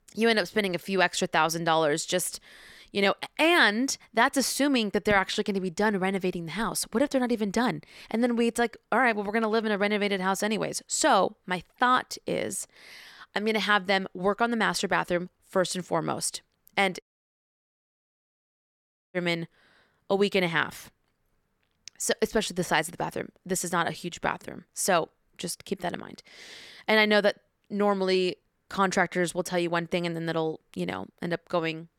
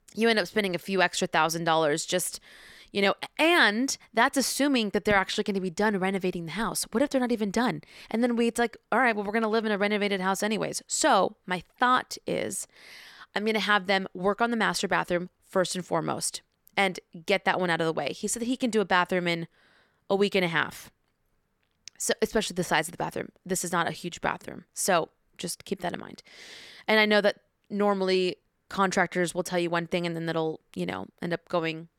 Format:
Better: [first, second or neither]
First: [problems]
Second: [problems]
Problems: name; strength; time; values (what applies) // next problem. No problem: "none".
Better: second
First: audio cutting out; at 17 s for 2 s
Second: none